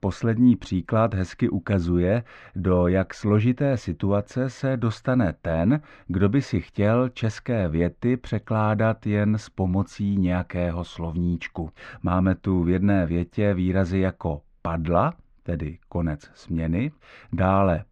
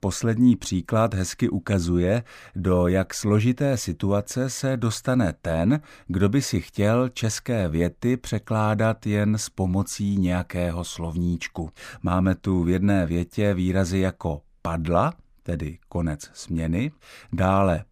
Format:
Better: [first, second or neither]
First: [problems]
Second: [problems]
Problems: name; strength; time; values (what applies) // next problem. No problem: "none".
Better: second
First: muffled; slightly; fading above 3 kHz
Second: none